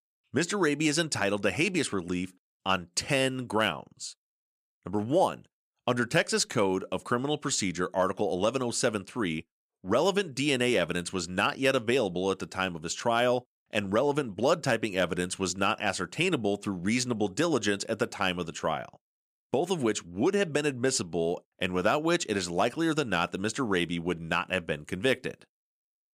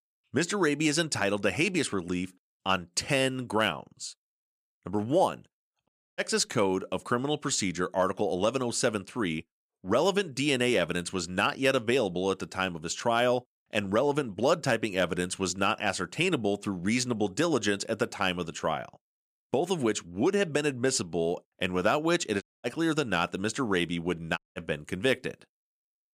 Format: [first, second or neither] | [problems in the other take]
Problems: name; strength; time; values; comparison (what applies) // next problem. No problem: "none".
first | audio cutting out; at 6 s, at 22 s and at 24 s